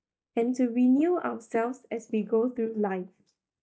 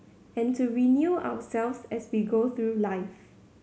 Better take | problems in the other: second | noise reduction (neural mask model DeepFilterNet 3)

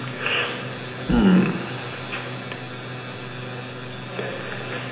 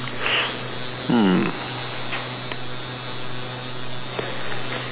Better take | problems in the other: second | background sound (Bird vocalization, bird call, bird song); 14 dB below the speech // room echo; dies away in 0.8 s

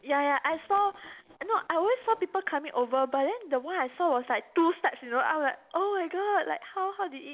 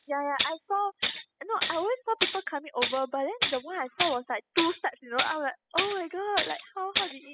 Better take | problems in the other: first | noise reduction (classical method spectral subtraction)

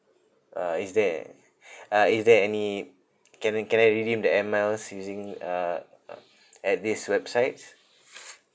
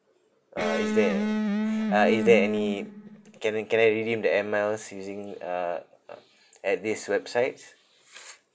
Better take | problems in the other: first | background sound (Electric guitar); as loud as the speech

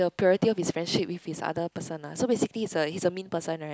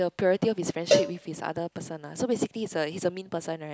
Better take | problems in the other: first | background sound (Cowbell); 2 dB below the speech

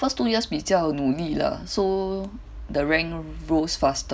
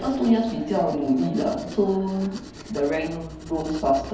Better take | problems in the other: first | background sound (Writing); 17 dB below the speech // room echo; dies away in 2 s

